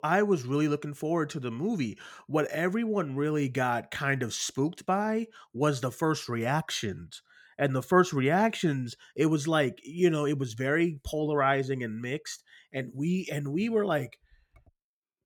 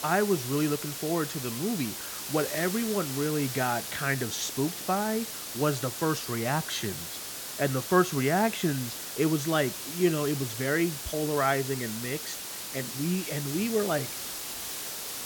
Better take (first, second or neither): first